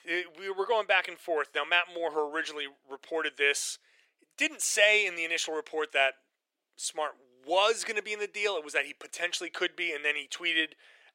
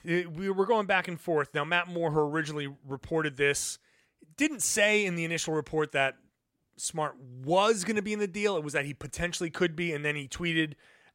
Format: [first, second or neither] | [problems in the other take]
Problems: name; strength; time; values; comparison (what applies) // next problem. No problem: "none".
second | thin; very; fading below 350 Hz